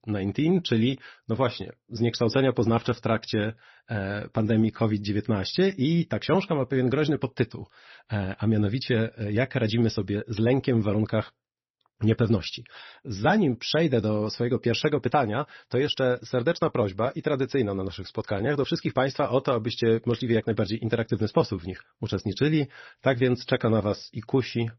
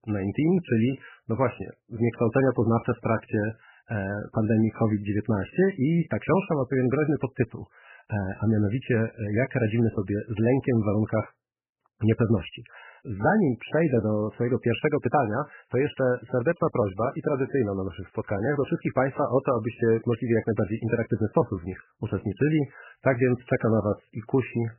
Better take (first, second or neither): first